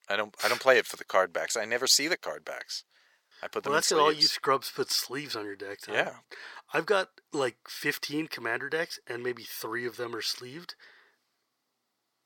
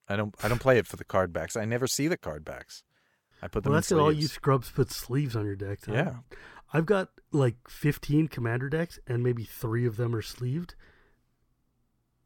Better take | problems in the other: second | thin; very; fading below 500 Hz

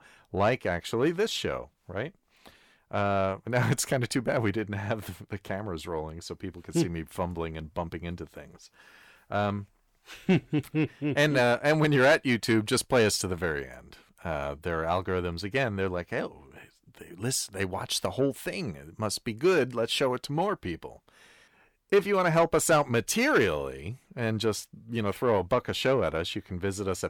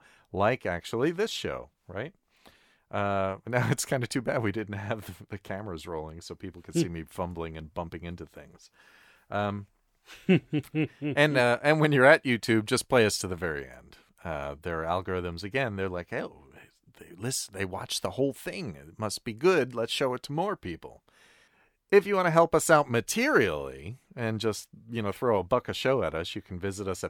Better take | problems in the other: second | distortion; slight; 10 dB below the speech

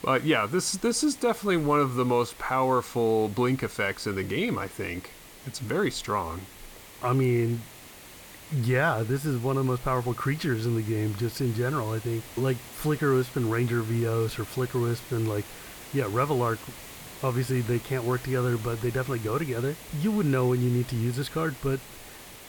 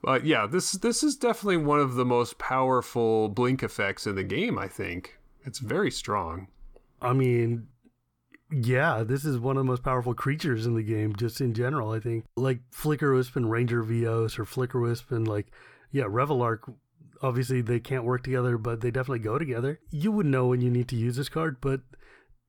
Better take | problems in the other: second | hiss; noticeable; throughout; 15 dB below the speech

